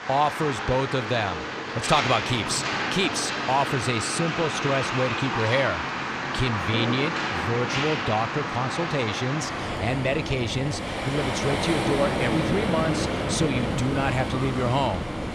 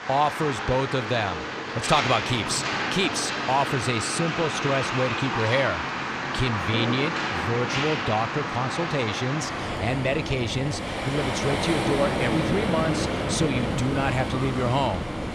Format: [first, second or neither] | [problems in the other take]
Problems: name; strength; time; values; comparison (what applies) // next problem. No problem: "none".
neither | rain or running water; loud; throughout; 1 dB below the speech; the same in both